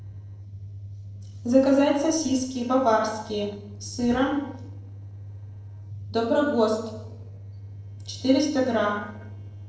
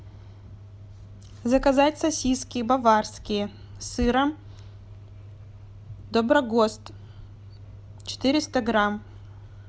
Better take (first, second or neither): second